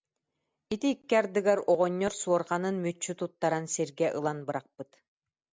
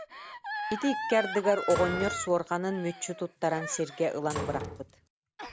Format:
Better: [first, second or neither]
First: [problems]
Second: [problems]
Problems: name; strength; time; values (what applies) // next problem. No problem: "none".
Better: first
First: none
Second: background sound (Gasp + Slam); 7 dB below the speech